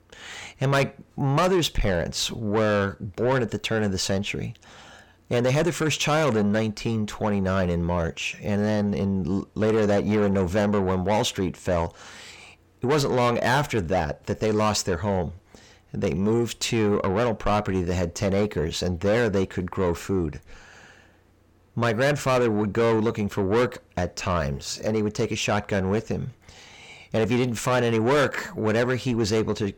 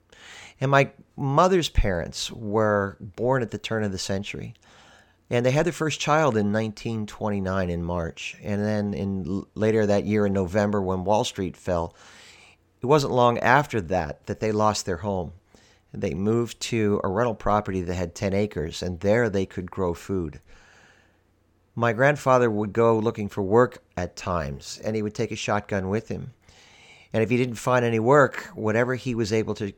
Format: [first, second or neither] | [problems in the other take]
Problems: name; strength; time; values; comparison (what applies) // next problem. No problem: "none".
second | distortion; heavy; 7 dB below the speech